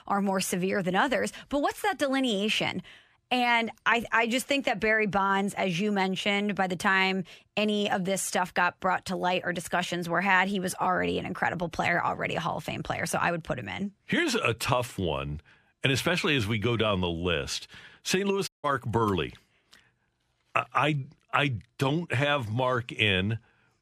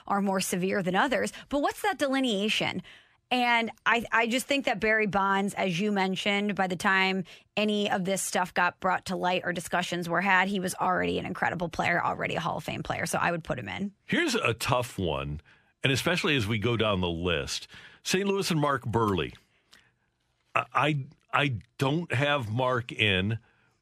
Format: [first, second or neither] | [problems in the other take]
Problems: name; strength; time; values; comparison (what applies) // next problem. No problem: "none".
second | audio cutting out; at 18 s